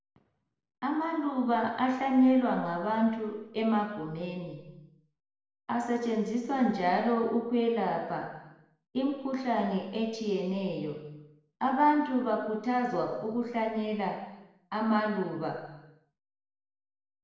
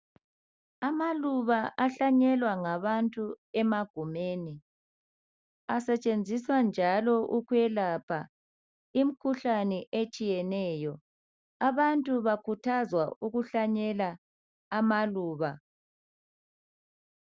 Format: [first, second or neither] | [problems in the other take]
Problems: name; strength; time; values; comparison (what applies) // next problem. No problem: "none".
second | room echo; dies away in 1 s